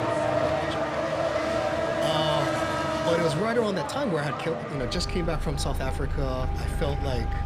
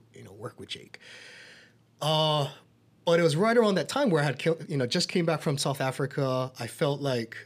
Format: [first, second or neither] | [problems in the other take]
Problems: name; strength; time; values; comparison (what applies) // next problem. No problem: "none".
second | traffic noise; very loud; throughout; 1 dB above the speech